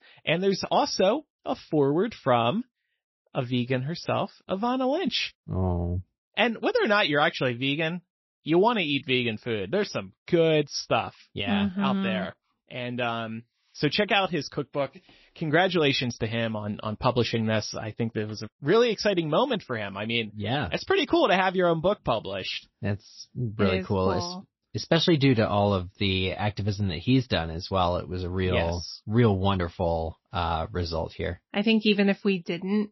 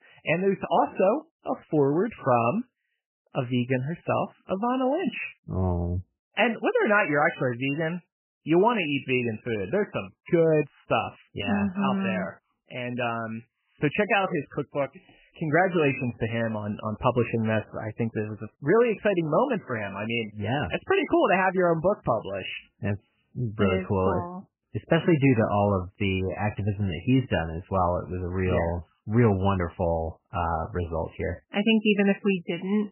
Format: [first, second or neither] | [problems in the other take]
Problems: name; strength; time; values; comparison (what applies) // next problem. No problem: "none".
first | garbled, watery; badly; nothing above 3 kHz; slightly in the first